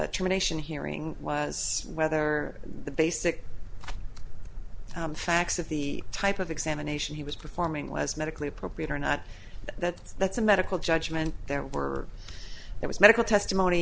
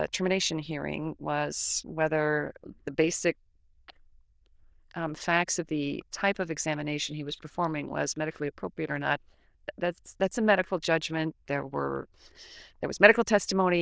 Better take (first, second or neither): first